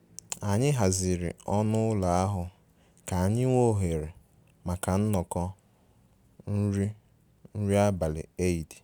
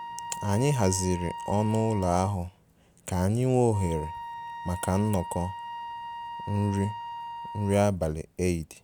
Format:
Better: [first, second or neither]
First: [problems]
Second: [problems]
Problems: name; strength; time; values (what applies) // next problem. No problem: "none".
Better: first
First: none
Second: background sound (Wind instrument, woodwind instrument); 11 dB below the speech